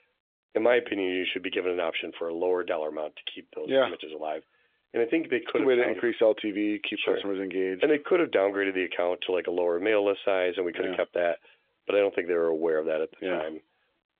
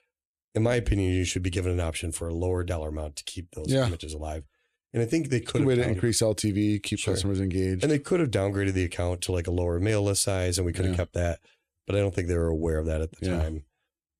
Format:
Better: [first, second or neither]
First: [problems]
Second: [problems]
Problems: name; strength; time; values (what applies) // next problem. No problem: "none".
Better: second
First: phone-call audio; nothing above 3.5 kHz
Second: none